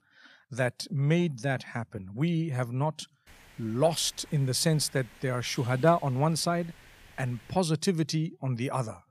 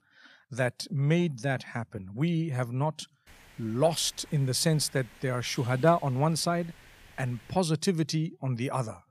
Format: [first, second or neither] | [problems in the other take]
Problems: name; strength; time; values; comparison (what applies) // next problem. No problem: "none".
neither | hiss; faint; from 3.5 to 7.5 s; 25 dB below the speech; the same in both